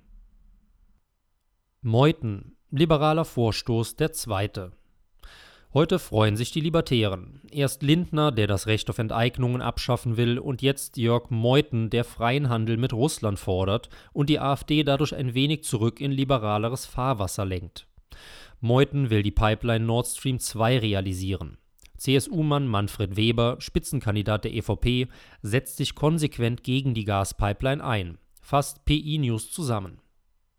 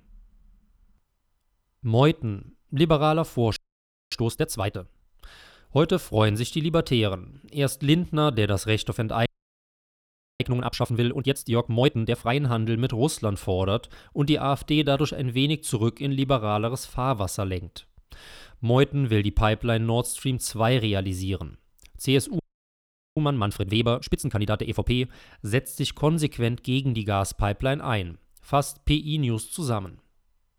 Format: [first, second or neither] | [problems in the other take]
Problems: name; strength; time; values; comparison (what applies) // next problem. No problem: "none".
first | audio freezing; at 3.5 s for 0.5 s, at 9.5 s for 1 s and at 22 s for 1 s